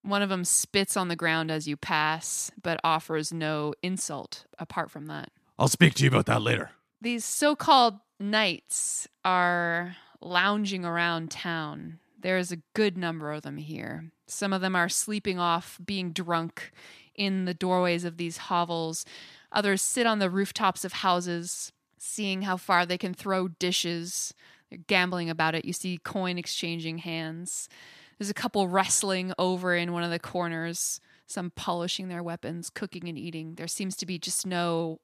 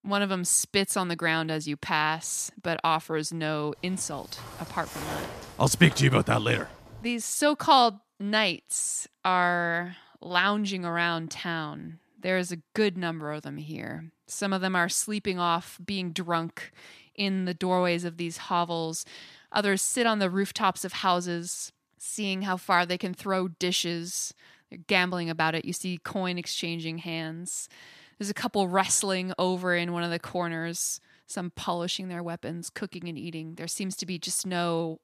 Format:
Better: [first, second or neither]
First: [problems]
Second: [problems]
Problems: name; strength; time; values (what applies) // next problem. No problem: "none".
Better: first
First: none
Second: footsteps; noticeable; from 4 to 7 s; peak 8 dB below the speech